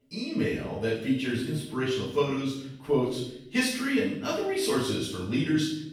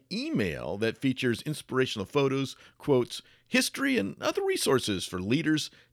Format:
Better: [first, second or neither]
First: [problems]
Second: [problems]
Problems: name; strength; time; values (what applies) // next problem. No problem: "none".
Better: second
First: off-mic speech; far // room echo; noticeable; dies away in 0.7 s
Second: none